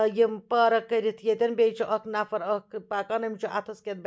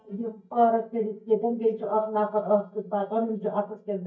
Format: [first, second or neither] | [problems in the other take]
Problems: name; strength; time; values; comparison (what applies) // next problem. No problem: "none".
first | noise reduction (neural mask model DeepFilterNet 3)